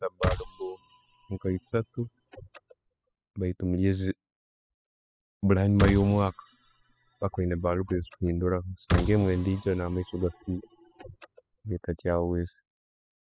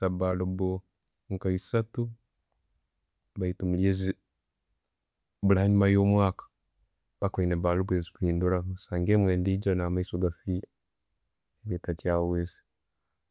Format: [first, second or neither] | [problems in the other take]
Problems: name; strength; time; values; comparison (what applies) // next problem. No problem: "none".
second | noise reduction (classical method spectral subtraction)